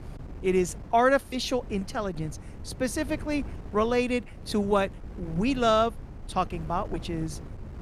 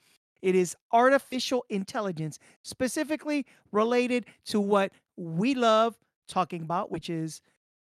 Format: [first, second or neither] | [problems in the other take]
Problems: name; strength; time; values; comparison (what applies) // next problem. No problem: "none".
second | wind noise on the microphone; occasional gusts; 20 dB below the speech